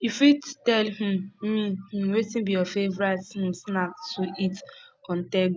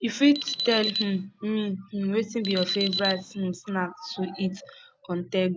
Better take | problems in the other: first | background sound (Alarm); 7 dB below the speech

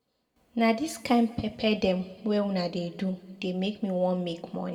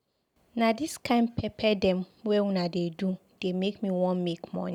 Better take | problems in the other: second | room echo; dies away in 1.3 s

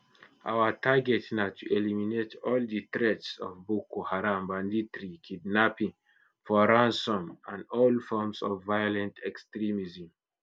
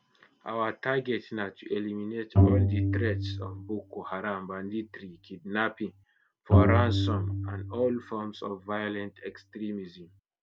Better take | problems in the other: first | background sound (Bowed string instrument); 4 dB above the speech

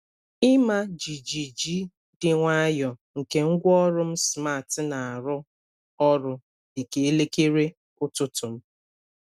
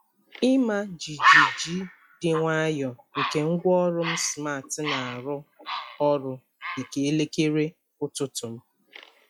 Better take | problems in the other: first | noise reduction (classical method log-MMSE)

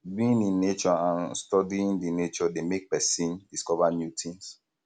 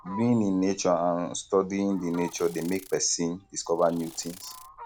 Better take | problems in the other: first | background sound (Insect + Fowl); 19 dB below the speech

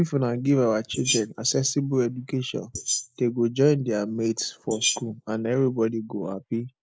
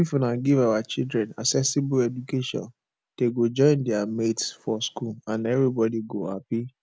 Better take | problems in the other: second | noise reduction (neural mask model Resemble Enhance denoiser)

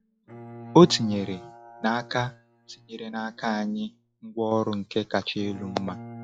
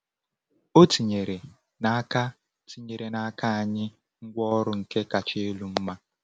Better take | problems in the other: second | noise reduction (classical method log-MMSE)

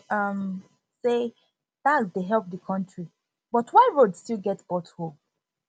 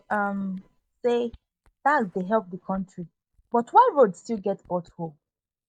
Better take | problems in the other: first | noise reduction (neural mask model DeepFilterNet 3)

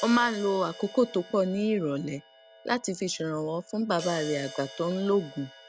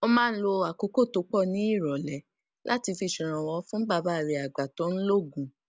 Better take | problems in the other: second | background sound (Crash cymbal); 17 dB below the speech

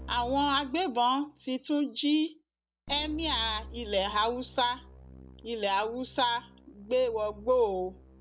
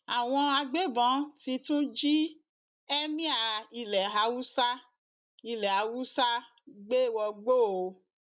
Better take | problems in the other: second | background sound (Keyboard (musical)); 18 dB below the speech

